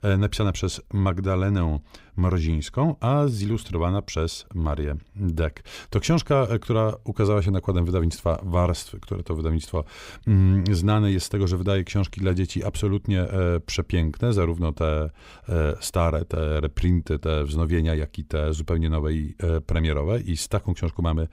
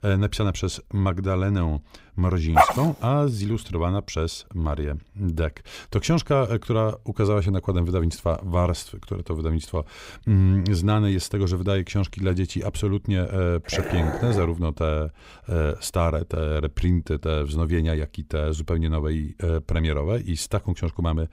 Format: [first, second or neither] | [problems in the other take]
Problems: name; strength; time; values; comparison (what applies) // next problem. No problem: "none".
first | dog barking; loud; at 2.5 s; peak 6 dB above the speech // dog barking; noticeable; at 14 s; peak 5 dB below the speech